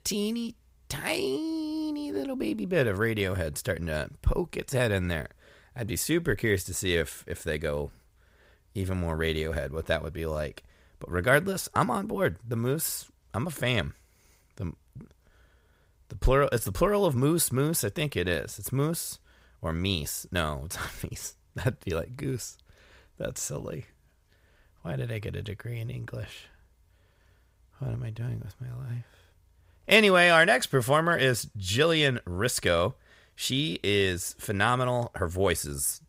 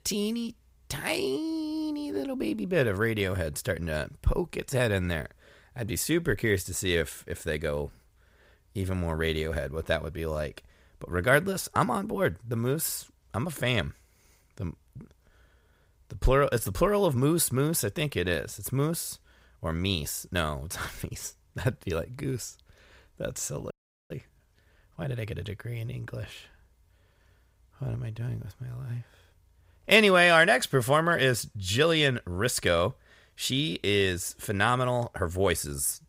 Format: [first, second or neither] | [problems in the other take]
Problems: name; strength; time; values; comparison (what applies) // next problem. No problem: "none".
first | audio freezing; at 24 s